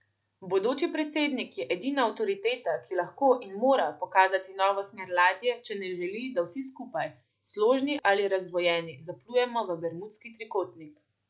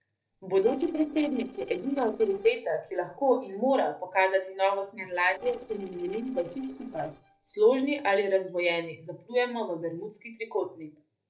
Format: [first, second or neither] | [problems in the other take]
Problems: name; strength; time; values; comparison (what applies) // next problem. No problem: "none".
first | noise reduction (neural separator model SepFormer DNS4)